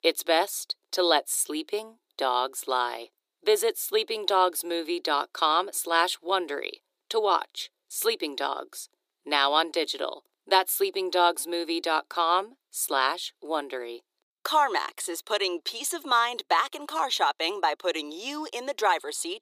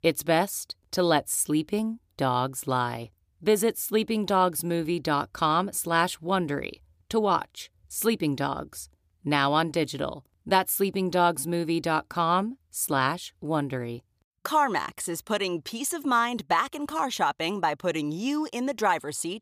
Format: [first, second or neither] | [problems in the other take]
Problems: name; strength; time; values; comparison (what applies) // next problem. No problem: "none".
second | thin; very; fading below 350 Hz